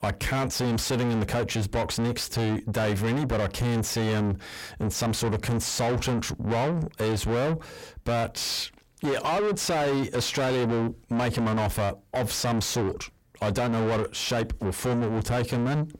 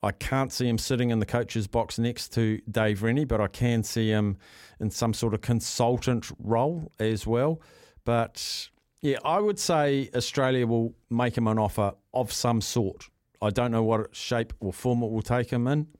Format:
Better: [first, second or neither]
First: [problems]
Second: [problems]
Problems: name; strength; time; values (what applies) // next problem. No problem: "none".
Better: second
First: distortion; heavy; 5 dB below the speech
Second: none